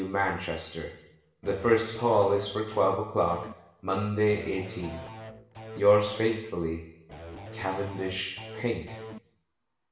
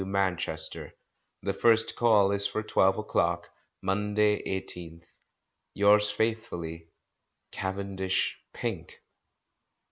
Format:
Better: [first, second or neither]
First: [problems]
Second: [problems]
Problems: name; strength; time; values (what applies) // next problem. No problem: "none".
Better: second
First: background sound (Electric guitar / Bass guitar); 13 dB below the speech // room echo; dies away in 0.8 s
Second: none